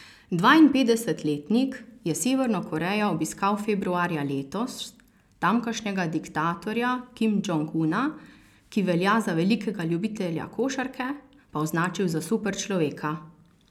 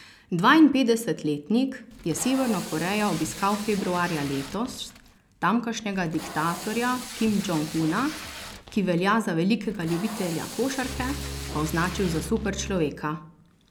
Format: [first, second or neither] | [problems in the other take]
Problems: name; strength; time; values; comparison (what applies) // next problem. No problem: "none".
first | background sound (Bowed string instrument + Packing tape, duct tape); 12 dB below the speech